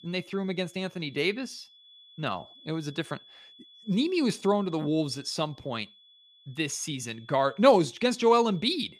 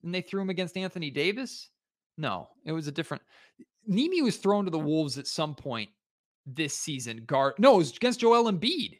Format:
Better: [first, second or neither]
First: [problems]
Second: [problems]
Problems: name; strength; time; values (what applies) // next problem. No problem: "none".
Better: second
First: high-pitched whine; faint; throughout; 3.5 kHz, 25 dB below the speech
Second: none